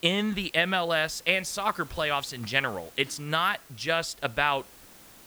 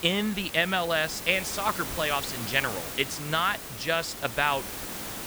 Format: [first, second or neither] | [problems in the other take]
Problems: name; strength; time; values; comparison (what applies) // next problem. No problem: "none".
first | hiss; loud; throughout; 8 dB below the speech; faint in the first